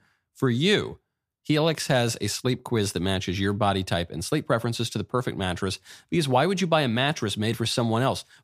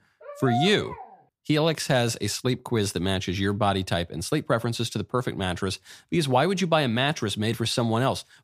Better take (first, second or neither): first